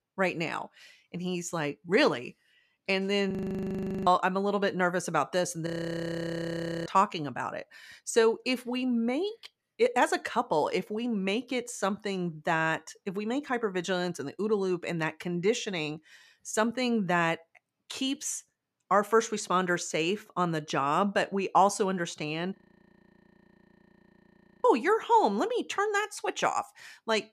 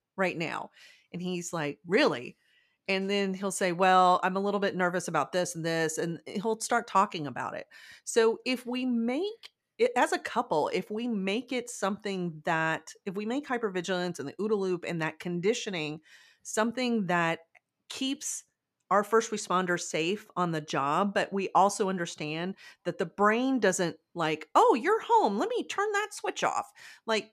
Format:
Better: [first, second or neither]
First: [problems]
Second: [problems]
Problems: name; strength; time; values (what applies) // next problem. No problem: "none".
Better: second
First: audio freezing; at 3.5 s for 0.5 s, at 5.5 s for 1 s and at 23 s for 2 s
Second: none